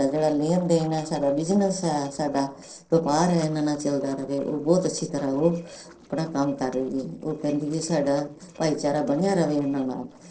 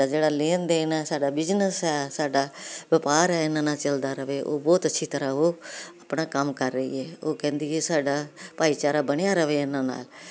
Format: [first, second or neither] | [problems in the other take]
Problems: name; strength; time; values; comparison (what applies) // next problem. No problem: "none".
second | noise reduction (neural separator model SepFormer DNS4)